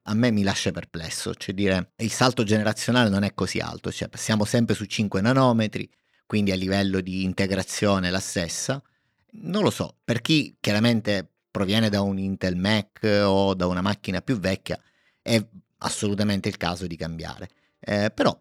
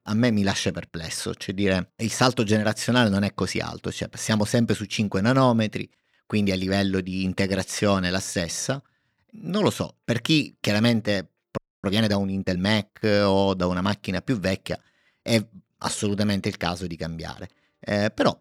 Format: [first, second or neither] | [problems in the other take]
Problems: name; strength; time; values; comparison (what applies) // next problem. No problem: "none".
first | audio freezing; at 12 s